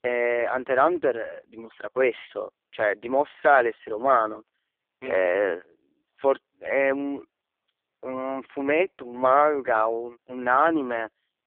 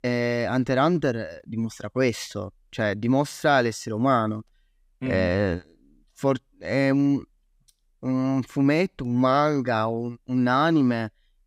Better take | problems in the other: second | phone-call audio; poor line

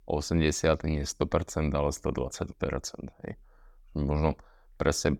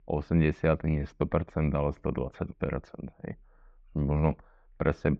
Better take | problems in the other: first | muffled; very; fading above 2.5 kHz

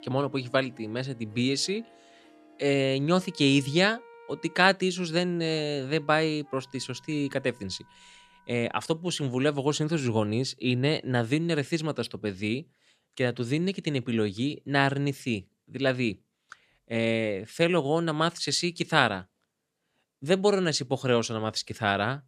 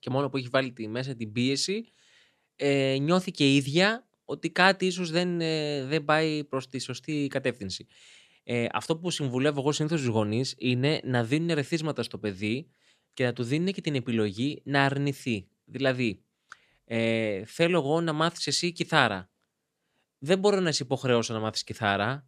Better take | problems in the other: second | background music; faint; until 9 s; 25 dB below the speech

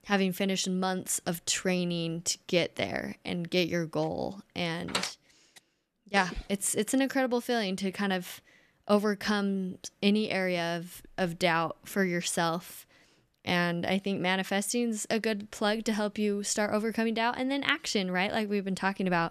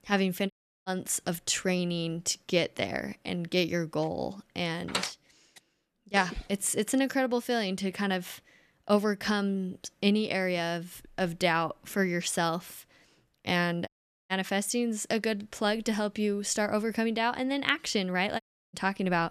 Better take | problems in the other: first | audio cutting out; at 0.5 s, at 14 s and at 18 s

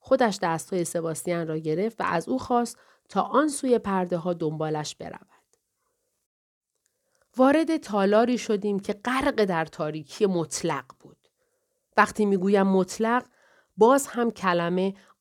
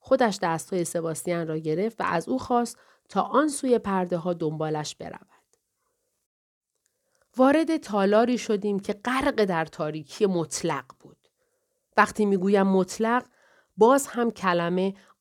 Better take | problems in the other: neither | none

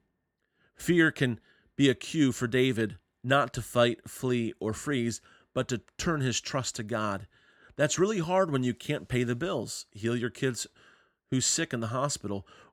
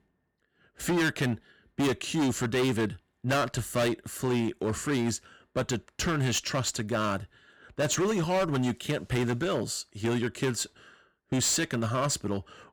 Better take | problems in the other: first | distortion; heavy; 14% of the sound clipped

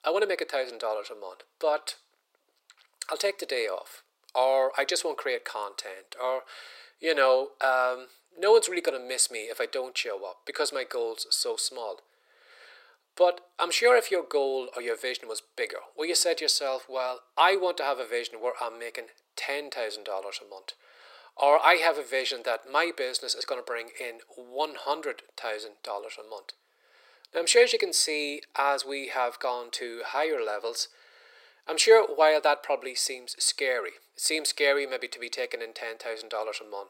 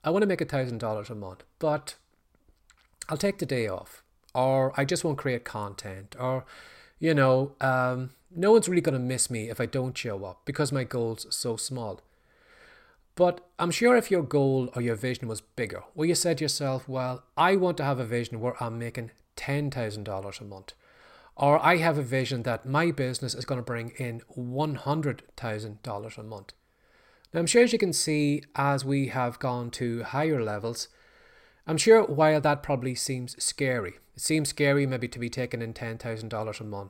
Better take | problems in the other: second | thin; very; fading below 400 Hz

